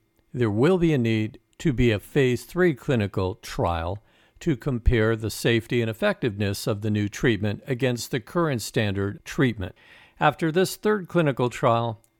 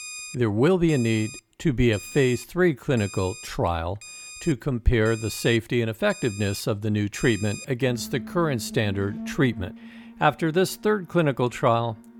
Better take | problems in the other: first | alarms or sirens; noticeable; throughout; 15 dB below the speech

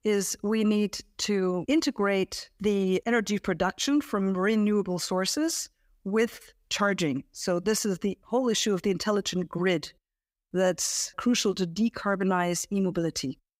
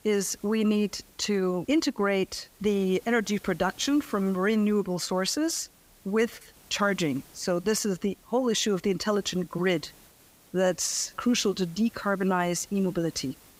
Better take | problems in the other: first | hiss; faint; throughout; 25 dB below the speech

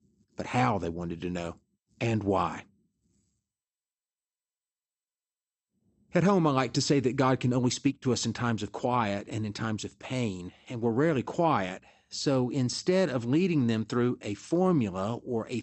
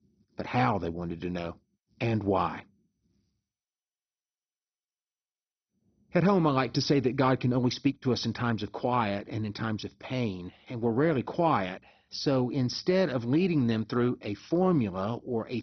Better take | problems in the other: first | garbled, watery; badly; nothing above 6 kHz; slightly in the first

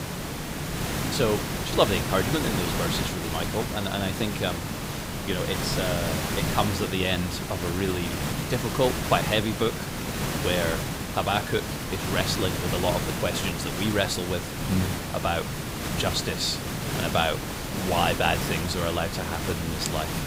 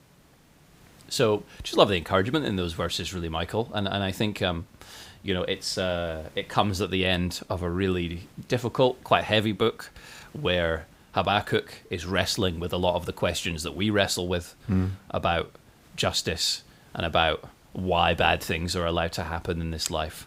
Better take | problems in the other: second | hiss; loud; throughout; 2 dB below the speech; faint in the second

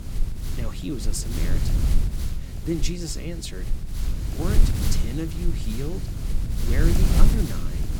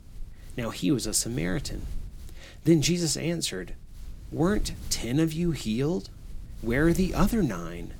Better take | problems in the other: second | wind noise on the microphone; heavy; 3 dB below the speech; occasional gusts in the second

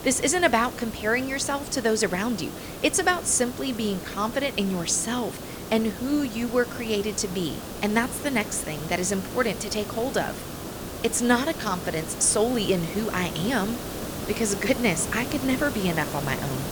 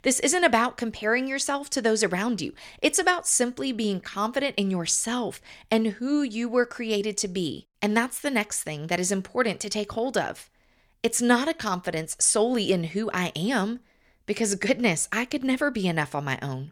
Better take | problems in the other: second | hiss; loud; throughout; 9 dB below the speech

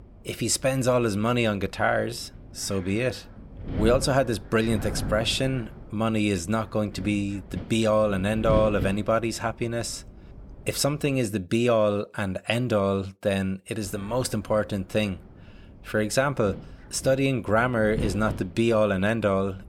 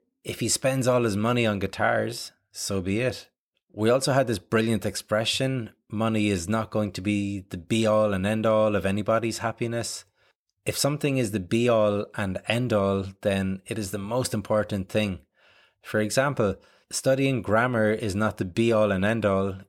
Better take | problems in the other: second | wind noise on the microphone; occasional gusts; until 11 s and from 14 s on; 20 dB below the speech

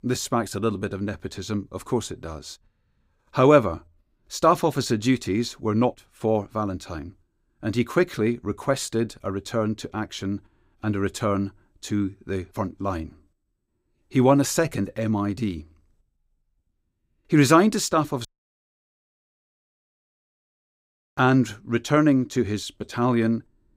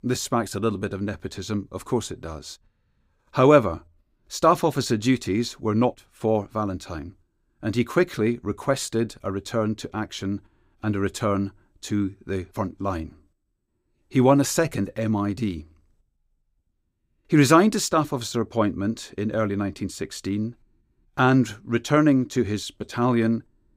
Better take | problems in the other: second | audio cutting out; at 18 s for 3 s

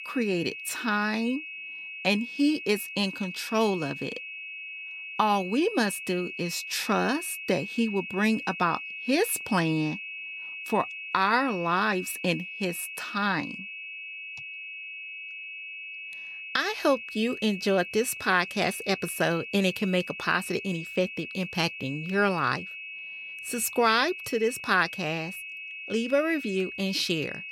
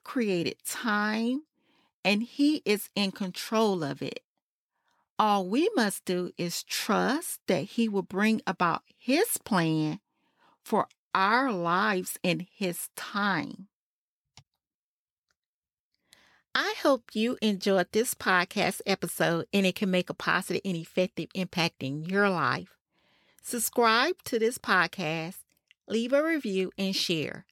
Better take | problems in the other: second | high-pitched whine; loud; throughout; 2.5 kHz, 9 dB below the speech

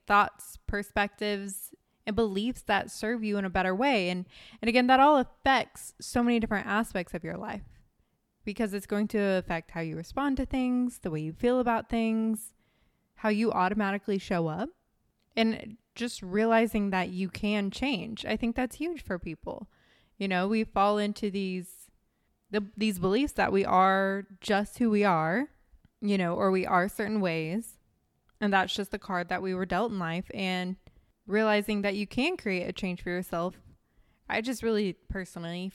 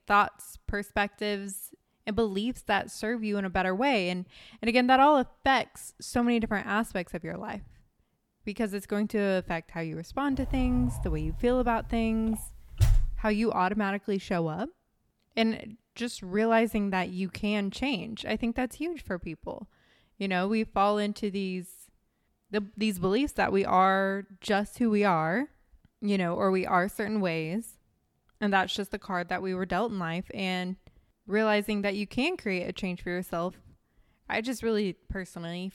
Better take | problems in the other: first | door banging; loud; from 10 to 13 s; peak 2 dB above the speech

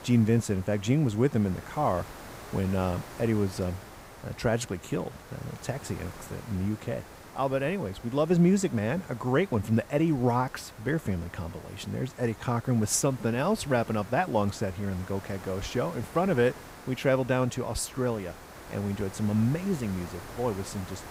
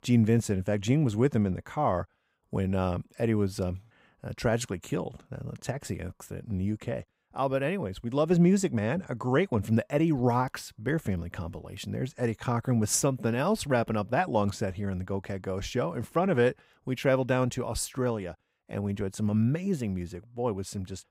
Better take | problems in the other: second | hiss; noticeable; throughout; 15 dB below the speech

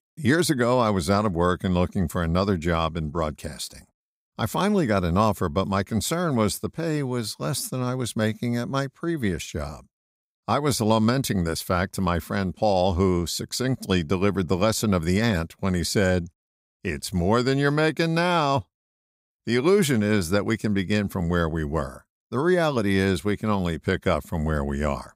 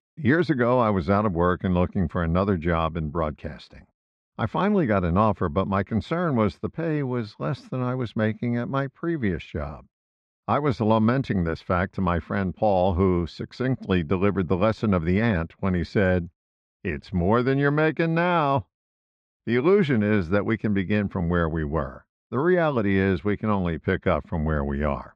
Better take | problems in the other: first | muffled; very; fading above 2.5 kHz

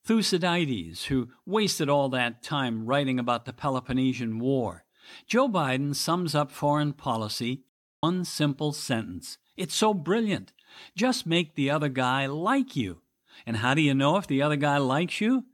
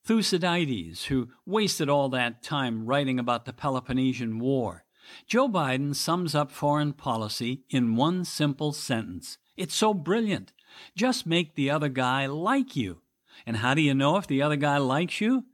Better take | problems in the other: second | audio cutting out; at 7.5 s

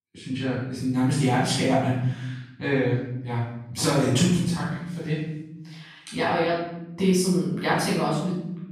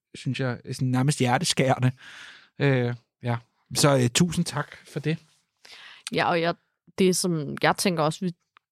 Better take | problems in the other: second | off-mic speech; far // room echo; strong; dies away in 0.9 s

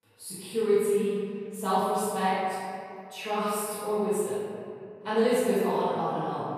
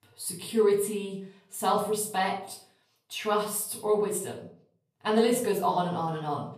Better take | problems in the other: second | room echo; strong; dies away in 2.4 s; slight in the second // off-mic speech; far; far in the second

